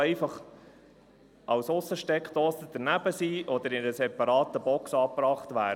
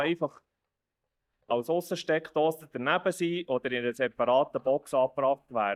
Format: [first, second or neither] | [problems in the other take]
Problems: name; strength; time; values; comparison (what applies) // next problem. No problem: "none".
first | noise reduction (neural mask model DeepFilterNet 3)